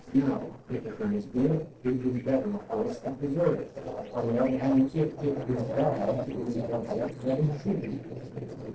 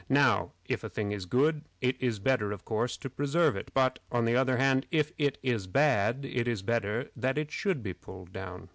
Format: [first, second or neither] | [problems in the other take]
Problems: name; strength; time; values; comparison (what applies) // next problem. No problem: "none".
second | noise reduction (neural separator model SepFormer DNS4)